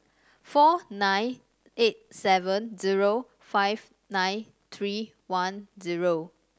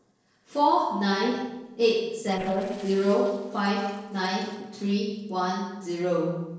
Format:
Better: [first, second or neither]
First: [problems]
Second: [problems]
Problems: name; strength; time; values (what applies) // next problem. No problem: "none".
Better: first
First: none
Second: noise reduction (neural separator model SepFormer DNS4)